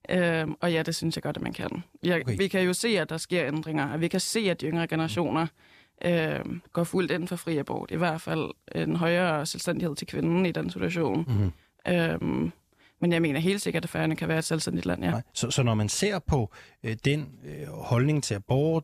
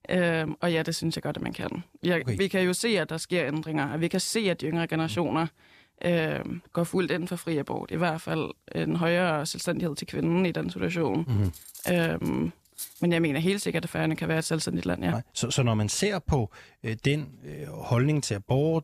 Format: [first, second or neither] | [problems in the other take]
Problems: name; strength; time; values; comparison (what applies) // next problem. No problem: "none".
first | clattering dishes; faint; from 11 to 13 s; peak 10 dB below the speech